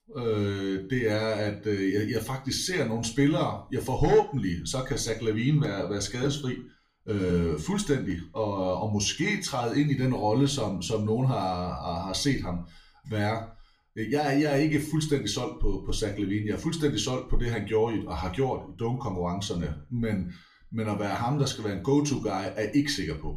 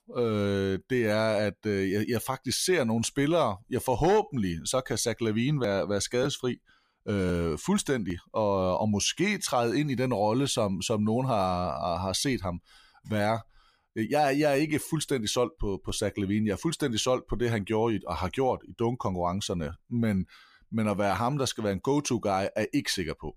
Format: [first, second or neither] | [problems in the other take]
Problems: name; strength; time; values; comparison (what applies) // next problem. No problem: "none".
second | room echo; very slight; dies away in 0.3 s // off-mic speech; somewhat distant